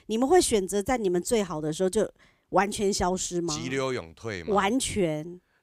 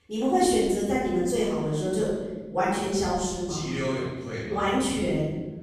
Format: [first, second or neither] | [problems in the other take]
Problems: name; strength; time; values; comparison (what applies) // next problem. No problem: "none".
first | off-mic speech; far // room echo; strong; dies away in 1.3 s